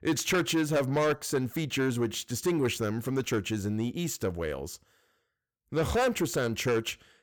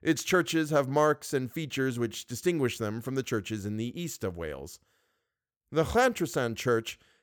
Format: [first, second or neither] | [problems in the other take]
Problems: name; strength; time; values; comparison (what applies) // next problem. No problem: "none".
second | distortion; heavy; 8 dB below the speech